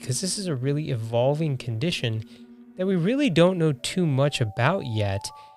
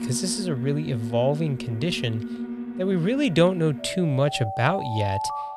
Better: first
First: alarms or sirens; faint; throughout; 25 dB below the speech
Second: alarms or sirens; loud; throughout; 8 dB below the speech

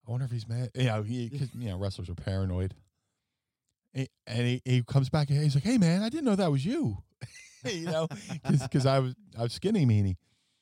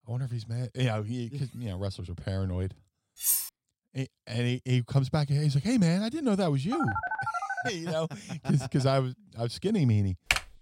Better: first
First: none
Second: clattering dishes; loud; at 3 s; peak 4 dB above the speech // phone ringing; noticeable; at 6.5 s; peak 2 dB below the speech // keyboard typing; loud; at 10 s; peak 1 dB above the speech

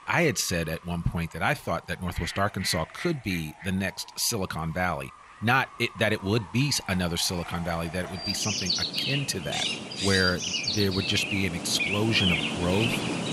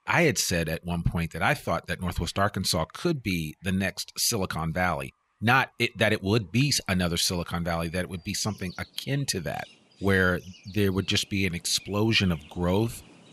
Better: second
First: animal sounds; loud; throughout; 1 dB below the speech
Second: animal sounds; faint; throughout; 25 dB below the speech

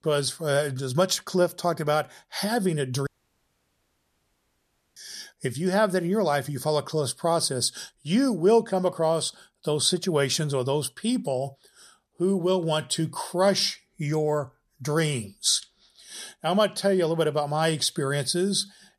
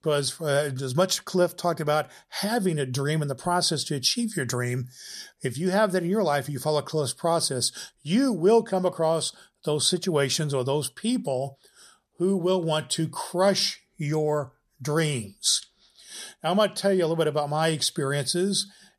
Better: second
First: audio cutting out; at 3 s for 2 s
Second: none

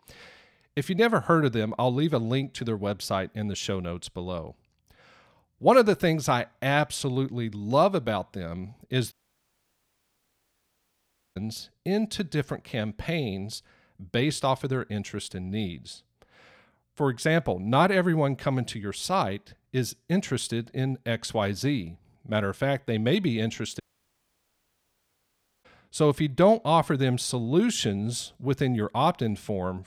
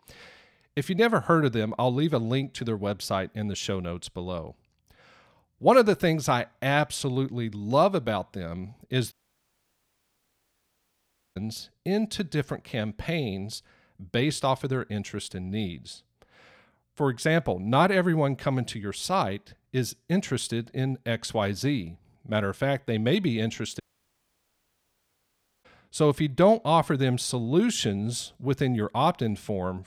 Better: neither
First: audio cutting out; at 9 s for 2 s and at 24 s for 2 s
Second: audio cutting out; at 9 s for 2 s and at 24 s for 2 s

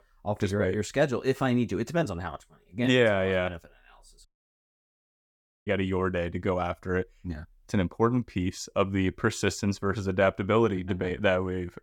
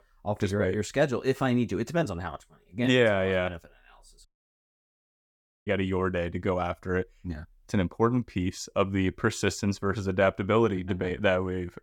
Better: neither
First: audio cutting out; at 4.5 s for 1.5 s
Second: audio cutting out; at 4.5 s for 1.5 s

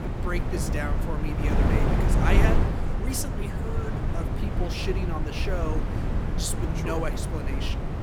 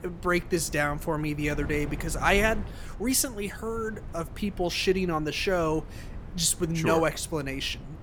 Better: second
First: wind noise on the microphone; heavy; as loud as the speech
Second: wind noise on the microphone; occasional gusts; 20 dB below the speech

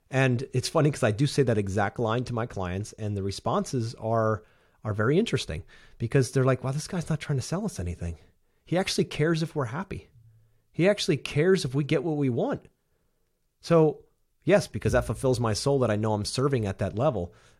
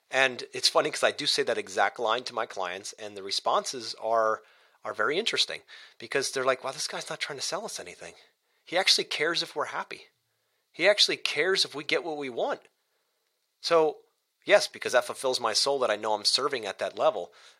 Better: first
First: none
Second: thin; very; fading below 700 Hz

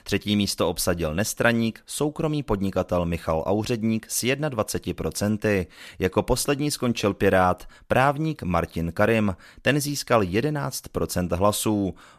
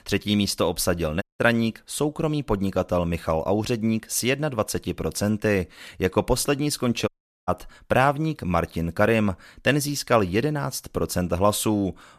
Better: first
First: none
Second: audio cutting out; at 1 s and at 7 s

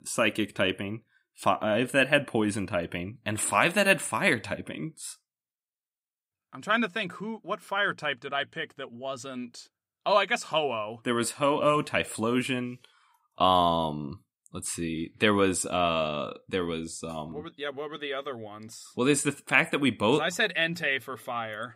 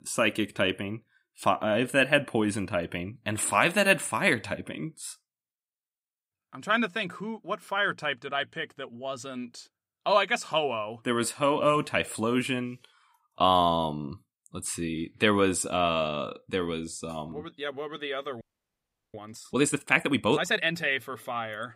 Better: first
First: none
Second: audio freezing; at 18 s for 0.5 s

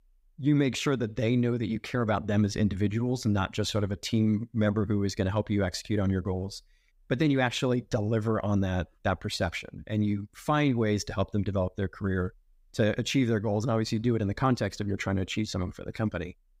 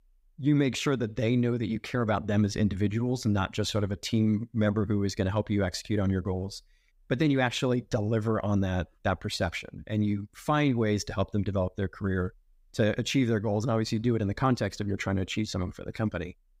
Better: neither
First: none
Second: none

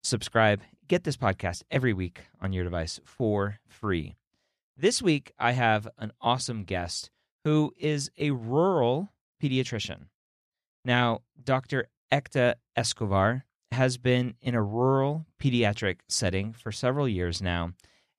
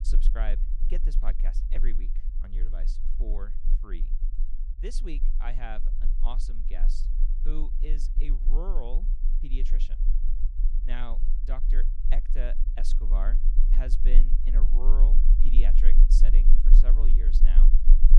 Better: first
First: none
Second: low rumble; loud; throughout; 9 dB below the speech

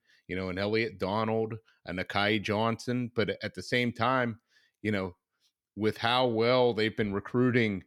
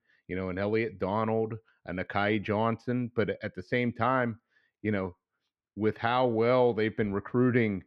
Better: first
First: none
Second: muffled; slightly; fading above 4 kHz

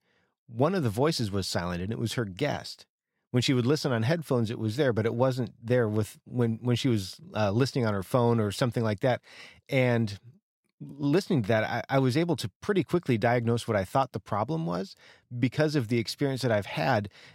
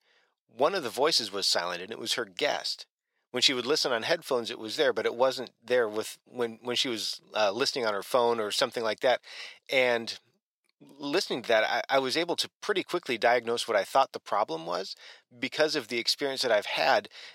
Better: first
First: none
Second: thin; very; fading below 550 Hz

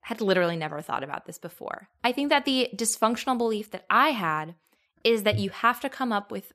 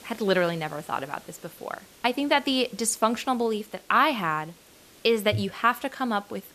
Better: first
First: none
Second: hiss; faint; throughout; 25 dB below the speech

